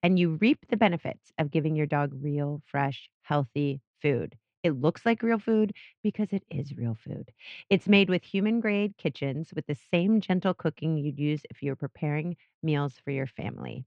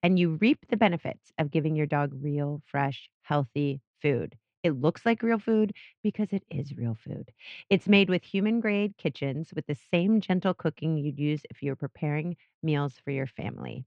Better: neither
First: muffled; very; fading above 2.5 kHz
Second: muffled; very; fading above 2.5 kHz

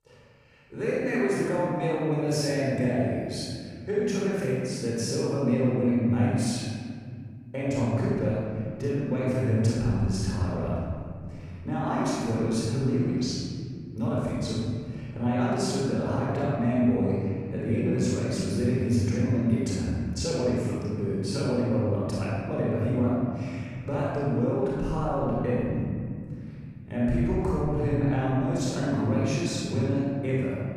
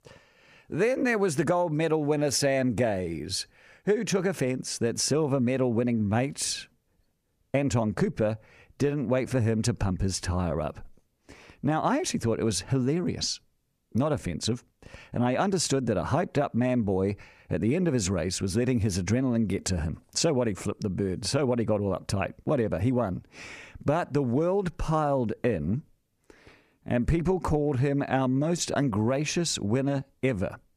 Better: second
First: off-mic speech; far // room echo; strong; dies away in 2.7 s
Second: none

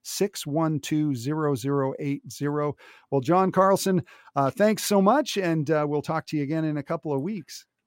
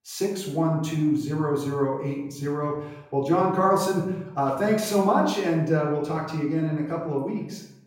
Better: first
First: none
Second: off-mic speech; far // room echo; noticeable; dies away in 0.7 s

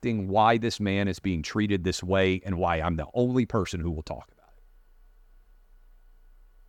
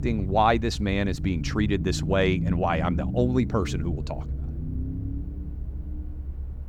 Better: first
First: none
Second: low rumble; noticeable; throughout; 15 dB below the speech

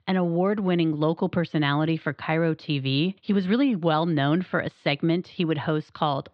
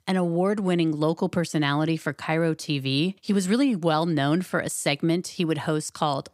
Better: second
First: muffled; slightly; fading above 4 kHz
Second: none

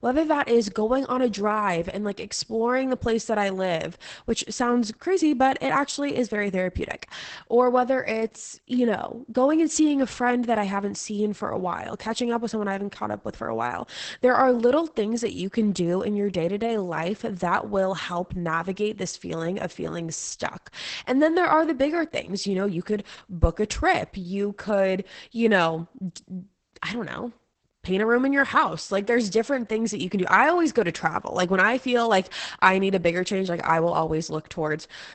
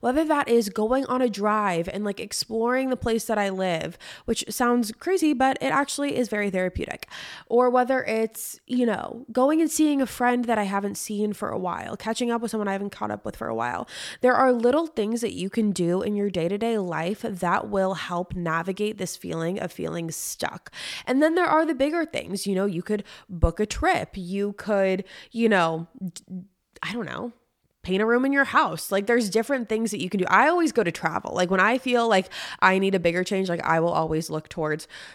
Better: second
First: garbled, watery; badly; nothing above 8 kHz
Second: none

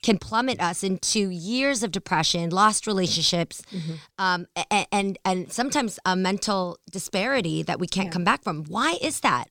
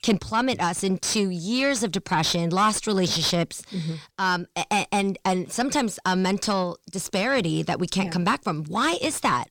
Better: first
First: none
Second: distortion; slight; 10 dB below the speech

